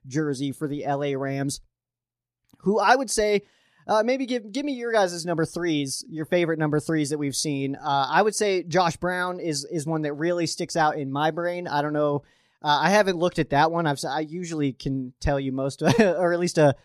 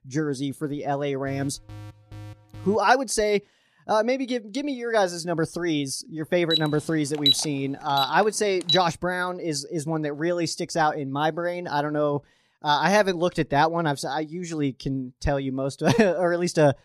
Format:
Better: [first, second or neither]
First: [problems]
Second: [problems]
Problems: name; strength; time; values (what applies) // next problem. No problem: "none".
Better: first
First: none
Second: alarm; faint; from 1.5 to 3 s; peak 20 dB below the speech // alarm; loud; from 6.5 to 9 s; peak 4 dB above the speech